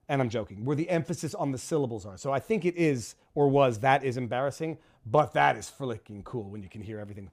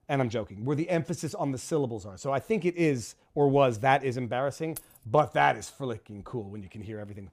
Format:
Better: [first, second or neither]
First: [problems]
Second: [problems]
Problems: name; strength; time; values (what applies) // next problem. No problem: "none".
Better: first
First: none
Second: jangling keys; faint; at 5 s; peak 15 dB below the speech